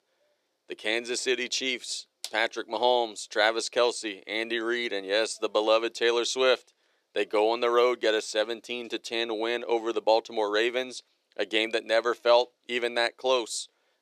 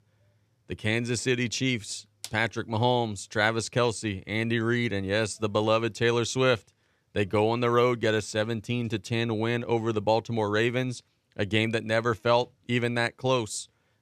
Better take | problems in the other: second | thin; very; fading below 350 Hz

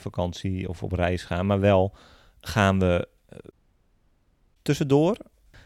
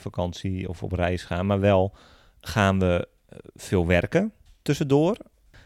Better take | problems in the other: second | audio cutting out; at 3.5 s for 1 s

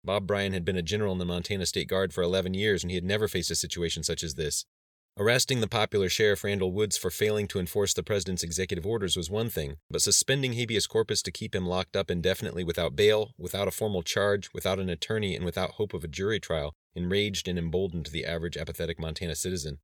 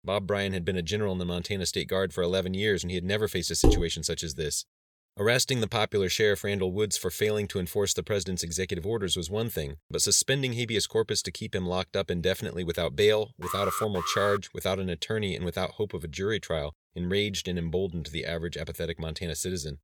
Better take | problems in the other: first | clattering dishes; loud; at 3.5 s; peak 3 dB above the speech // alarm; noticeable; at 13 s; peak 3 dB below the speech

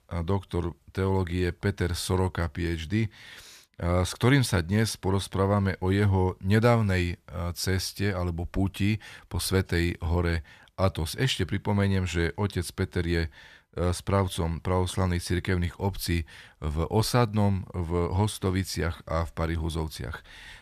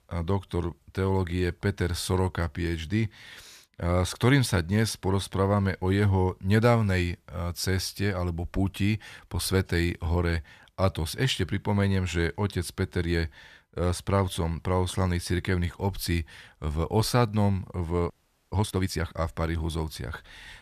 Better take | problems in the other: first | audio freezing; at 18 s

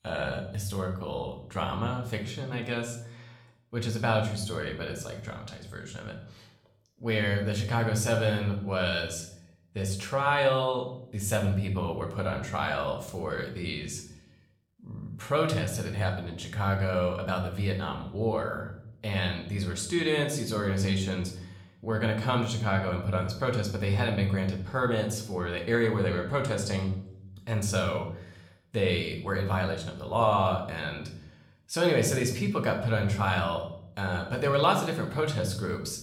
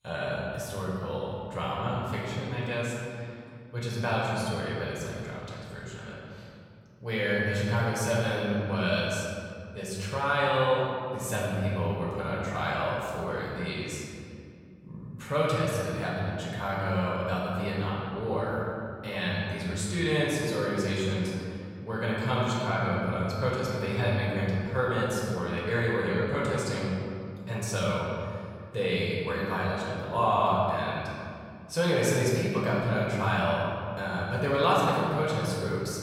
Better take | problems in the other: first | room echo; strong; dies away in 2.2 s; slight in the first // off-mic speech; far; somewhat distant in the first

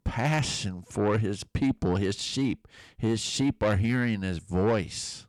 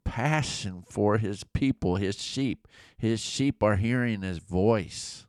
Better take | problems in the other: second | distortion; slight; 10 dB below the speech

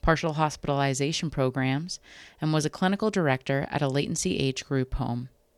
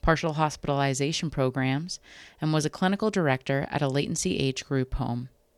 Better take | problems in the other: neither | none

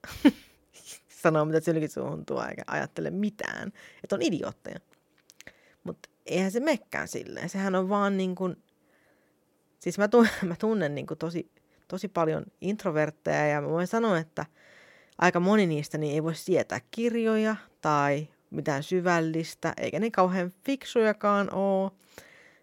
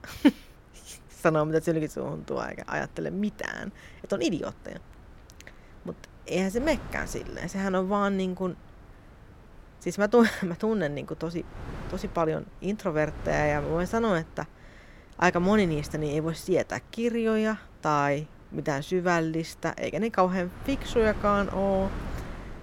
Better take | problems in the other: first | wind noise on the microphone; occasional gusts; 20 dB below the speech

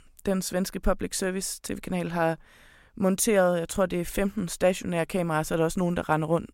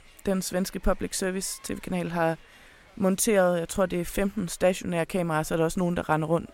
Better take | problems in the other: first | crowd noise; faint; throughout; 30 dB below the speech

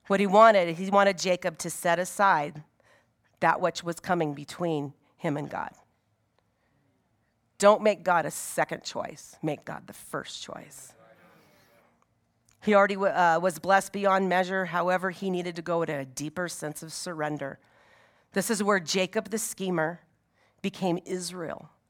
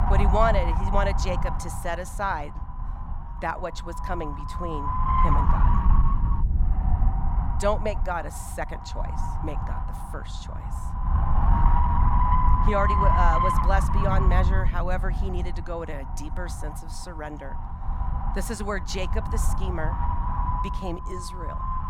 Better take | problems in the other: first | wind noise on the microphone; heavy; 1 dB above the speech

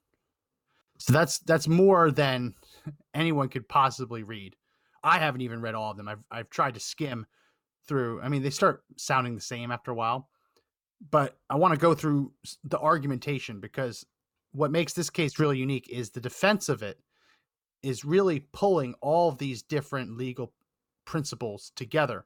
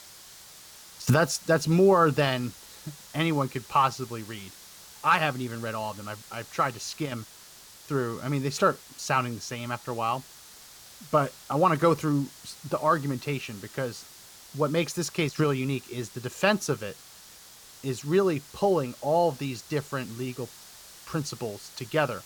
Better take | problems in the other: first | hiss; noticeable; throughout; 20 dB below the speech

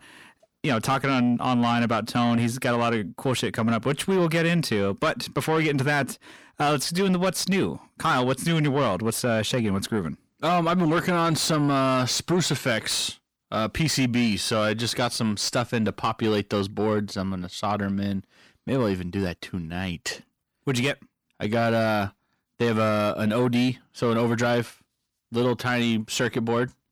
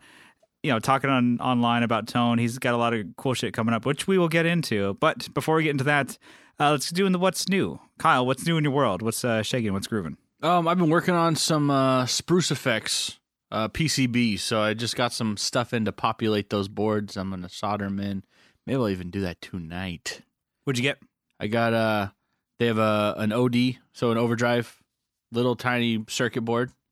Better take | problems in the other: second | distortion; slight; 10 dB below the speech

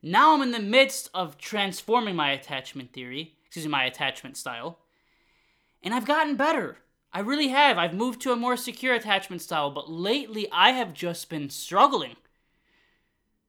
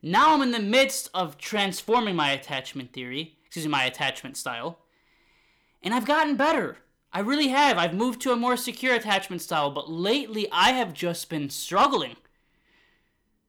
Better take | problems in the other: first | distortion; slight; 10 dB below the speech

